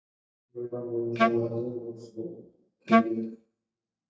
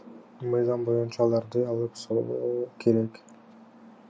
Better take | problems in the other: second | noise reduction (neural mask model DeepFilterNet 3)

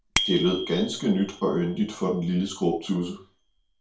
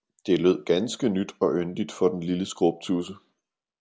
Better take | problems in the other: second | background sound (Bicycle bell); 10 dB below the speech // room echo; dies away in 0.3 s

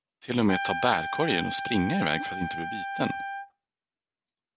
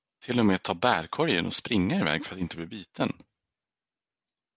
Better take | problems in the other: second | background sound (Trumpet); 4 dB below the speech

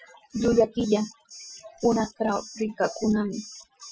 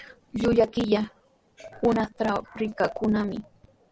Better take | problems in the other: second | noise reduction (classical method Wiener filter)

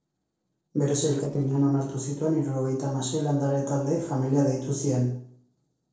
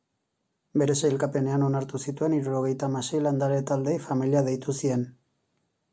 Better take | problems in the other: second | noise reduction (neural separator model SepFormer DNS4)

